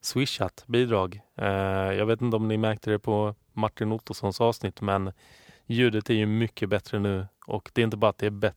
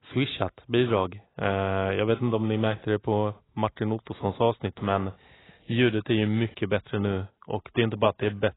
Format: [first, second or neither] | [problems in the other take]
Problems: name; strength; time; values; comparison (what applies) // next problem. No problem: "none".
first | garbled, watery; badly; nothing above 4 kHz